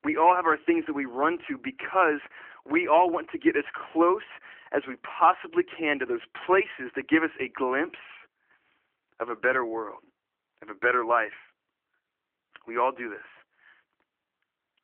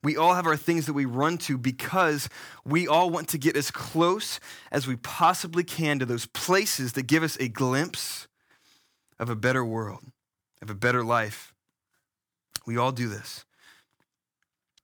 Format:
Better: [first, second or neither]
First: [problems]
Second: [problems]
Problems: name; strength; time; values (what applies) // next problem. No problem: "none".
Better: second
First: phone-call audio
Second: none